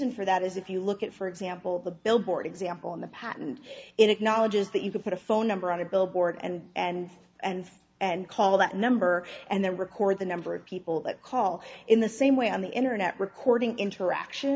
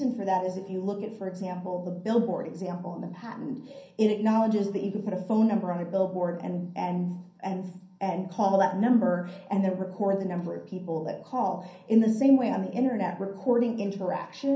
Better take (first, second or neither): first